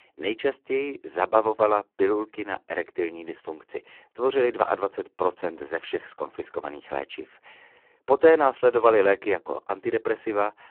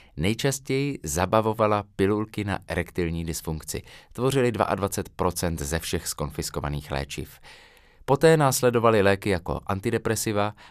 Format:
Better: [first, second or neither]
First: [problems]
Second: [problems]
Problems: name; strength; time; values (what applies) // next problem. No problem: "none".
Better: second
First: phone-call audio; poor line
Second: none